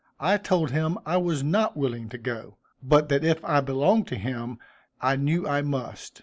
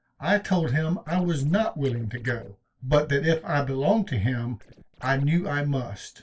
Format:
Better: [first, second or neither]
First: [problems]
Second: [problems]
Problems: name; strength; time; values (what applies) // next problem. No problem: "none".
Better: first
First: none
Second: noise reduction (neural separator model SepFormer DNS4)